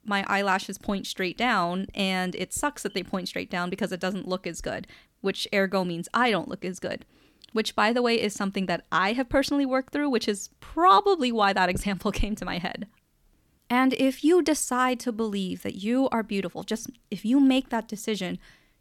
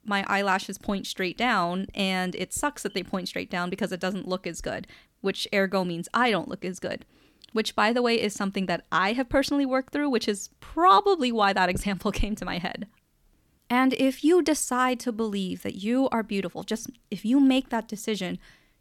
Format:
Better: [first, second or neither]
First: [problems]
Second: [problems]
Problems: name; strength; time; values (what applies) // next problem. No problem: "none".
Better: neither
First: none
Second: none